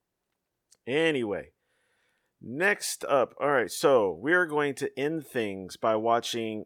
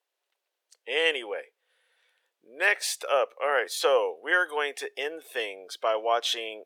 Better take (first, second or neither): first